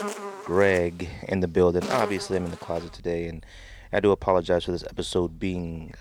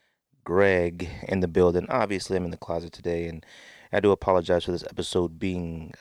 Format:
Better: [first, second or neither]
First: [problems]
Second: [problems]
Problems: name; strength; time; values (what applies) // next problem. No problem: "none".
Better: second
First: animal sounds; noticeable; throughout; 15 dB below the speech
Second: none